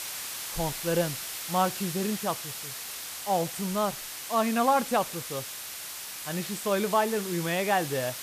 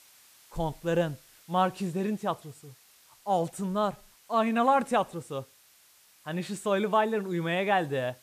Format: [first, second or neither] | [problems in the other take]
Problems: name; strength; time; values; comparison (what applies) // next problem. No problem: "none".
second | hiss; loud; throughout; 6 dB below the speech; faint in the second